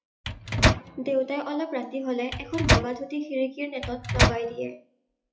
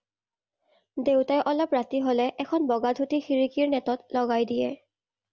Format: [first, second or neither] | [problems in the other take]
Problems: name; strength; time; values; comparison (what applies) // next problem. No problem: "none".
second | noise reduction (classical method WPE with log-MMSE)